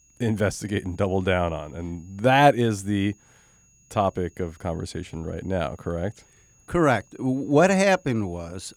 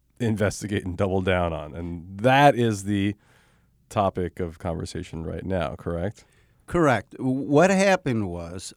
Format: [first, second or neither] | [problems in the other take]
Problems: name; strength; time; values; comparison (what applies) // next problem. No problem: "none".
second | high-pitched whine; faint; throughout; 6.5 kHz, 35 dB below the speech